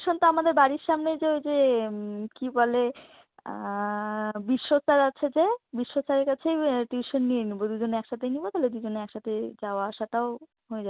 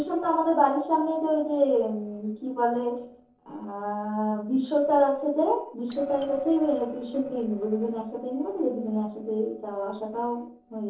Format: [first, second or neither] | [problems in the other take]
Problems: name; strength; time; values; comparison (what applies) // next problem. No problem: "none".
first | noise reduction (neural separator model SepFormer DNS4)